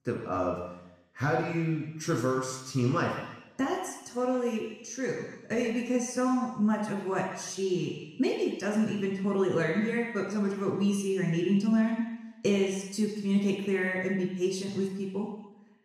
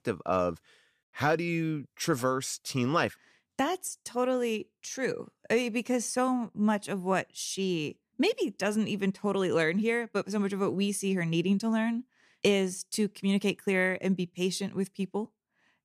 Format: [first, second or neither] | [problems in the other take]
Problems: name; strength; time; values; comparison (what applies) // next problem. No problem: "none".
second | room echo; noticeable; dies away in 1 s // off-mic speech; far